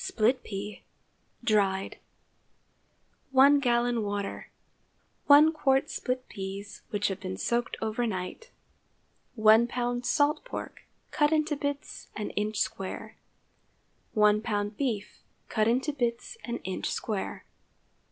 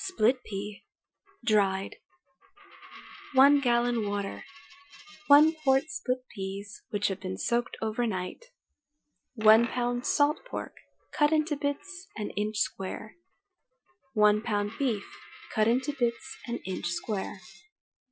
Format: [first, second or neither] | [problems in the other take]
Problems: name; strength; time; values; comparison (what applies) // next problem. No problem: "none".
first | noise reduction (classical method Wiener filter)